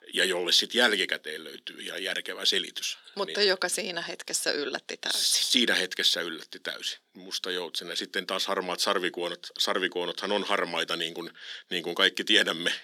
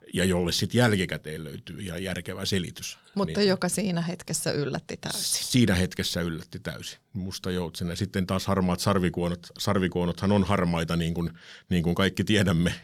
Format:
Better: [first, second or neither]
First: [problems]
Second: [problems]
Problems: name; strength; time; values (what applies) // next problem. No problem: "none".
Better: second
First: thin; very; fading below 250 Hz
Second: none